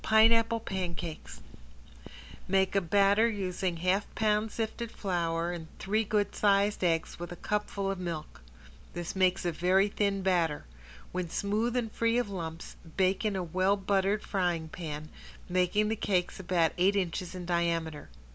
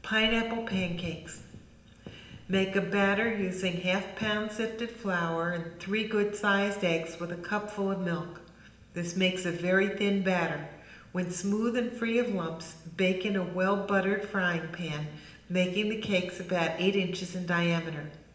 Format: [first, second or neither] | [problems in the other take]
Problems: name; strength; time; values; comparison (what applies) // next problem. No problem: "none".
first | room echo; dies away in 0.8 s